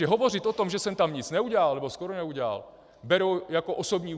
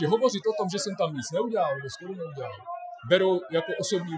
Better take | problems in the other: first | noise reduction (classical method Wiener filter)

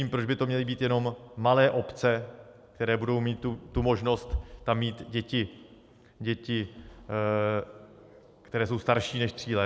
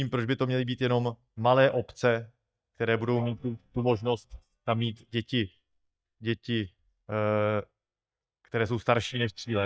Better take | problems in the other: first | noise reduction (neural mask model DeepFilterNet 3)

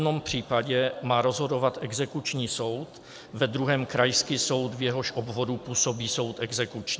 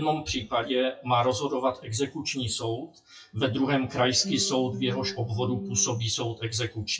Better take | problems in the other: first | noise reduction (classical method WPE with log-MMSE)

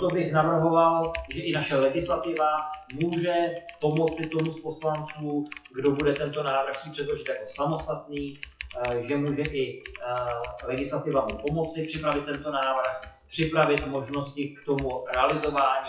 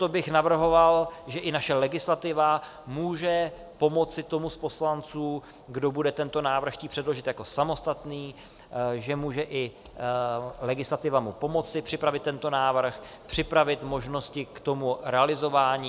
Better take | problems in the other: second | noise reduction (classical method WPE with log-MMSE)

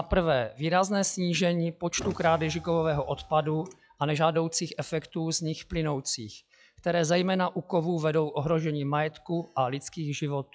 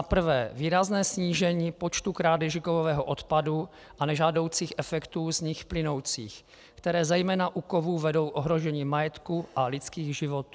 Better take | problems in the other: second | noise reduction (classical method log-MMSE)

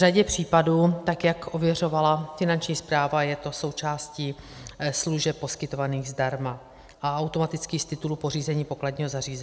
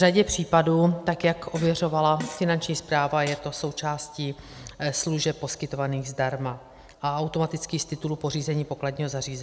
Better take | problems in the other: first | background sound (Fart); 17 dB below the speech

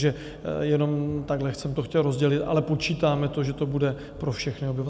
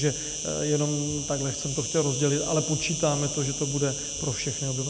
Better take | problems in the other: first | background sound (Insect); 5 dB below the speech

